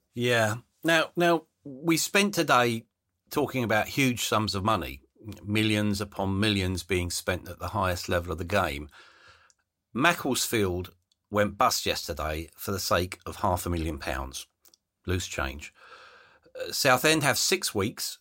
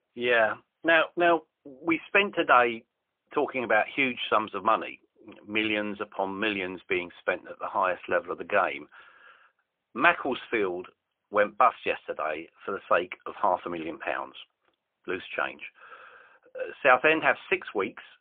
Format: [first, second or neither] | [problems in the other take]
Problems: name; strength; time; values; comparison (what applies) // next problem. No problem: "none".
first | phone-call audio; poor line